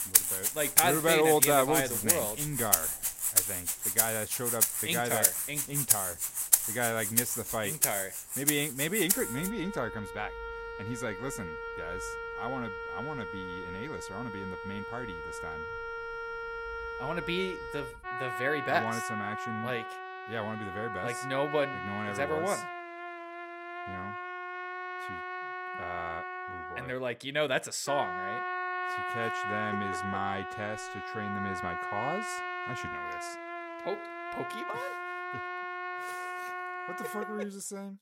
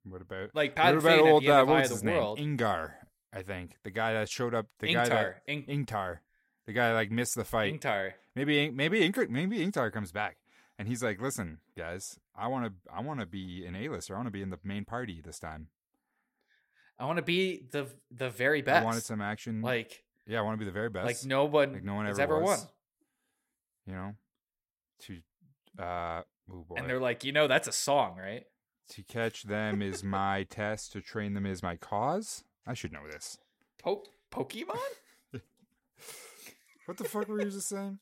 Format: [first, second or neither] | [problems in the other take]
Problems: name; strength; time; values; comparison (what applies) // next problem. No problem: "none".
second | background music; very loud; throughout; 2 dB above the speech